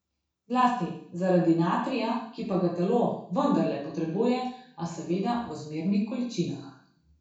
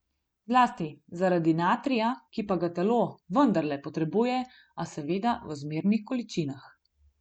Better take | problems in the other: second | room echo; dies away in 0.6 s

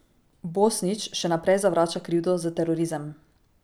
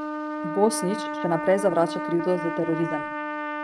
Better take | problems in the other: first | noise reduction (neural mask model RNNoise)

